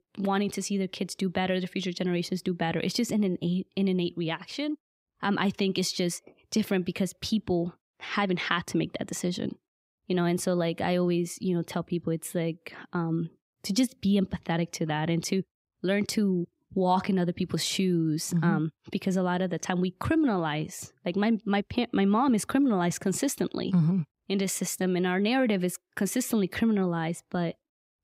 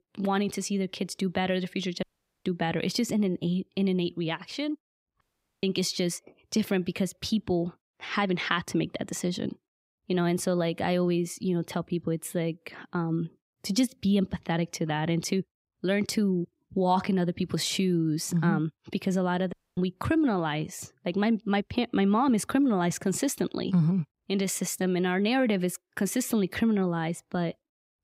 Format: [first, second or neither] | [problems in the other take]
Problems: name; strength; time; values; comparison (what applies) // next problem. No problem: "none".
first | audio cutting out; at 2 s, at 5 s and at 20 s